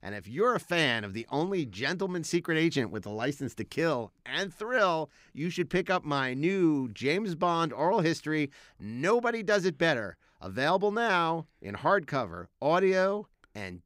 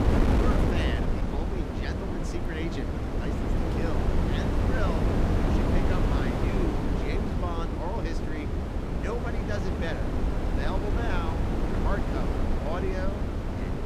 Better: first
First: none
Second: wind noise on the microphone; heavy; 3 dB above the speech

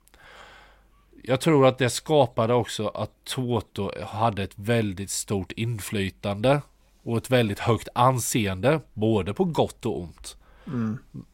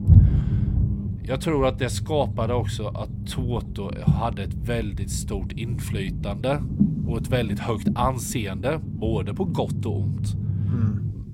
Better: first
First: none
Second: low rumble; loud; throughout; 8 dB below the speech

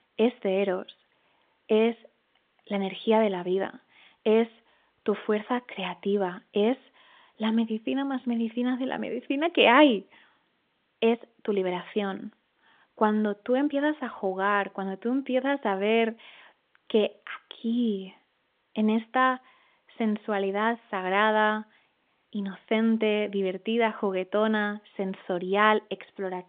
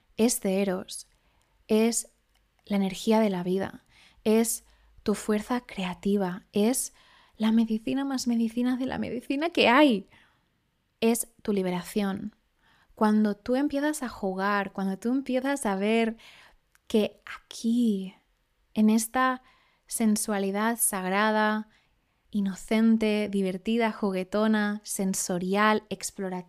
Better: second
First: phone-call audio; nothing above 3.5 kHz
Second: none

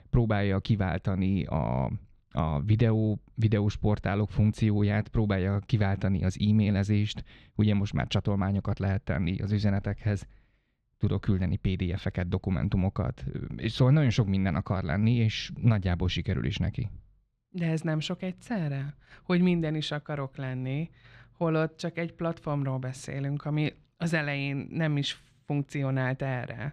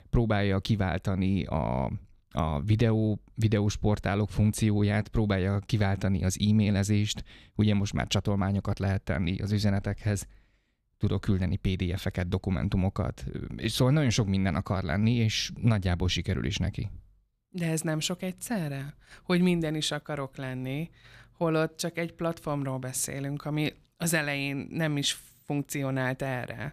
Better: second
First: muffled; very slightly; fading above 3.5 kHz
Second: none

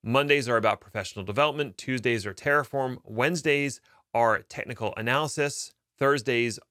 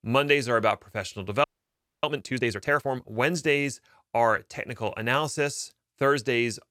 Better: first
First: none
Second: audio freezing; at 1.5 s for 0.5 s

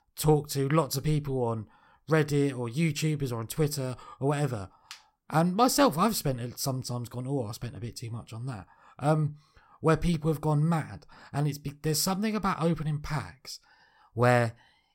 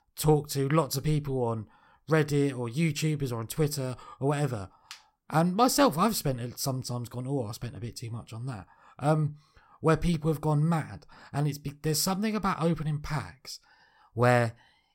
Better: neither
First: none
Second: none

